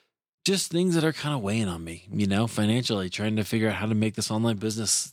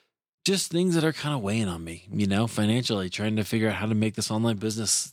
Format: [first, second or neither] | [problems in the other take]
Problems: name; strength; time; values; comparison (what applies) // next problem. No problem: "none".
neither | none